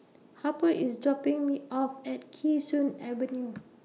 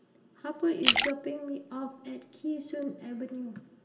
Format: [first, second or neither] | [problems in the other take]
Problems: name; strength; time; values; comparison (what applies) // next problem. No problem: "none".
first | background sound (Splash, splatter); 2 dB above the speech // room echo; dies away in 1.3 s